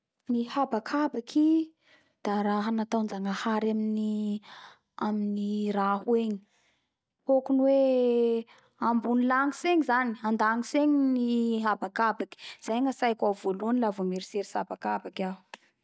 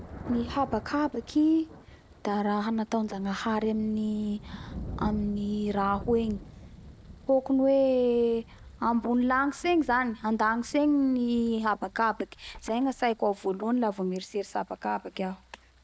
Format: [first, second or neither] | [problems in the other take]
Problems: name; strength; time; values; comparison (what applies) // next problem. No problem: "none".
first | background sound (Thunder); 17 dB below the speech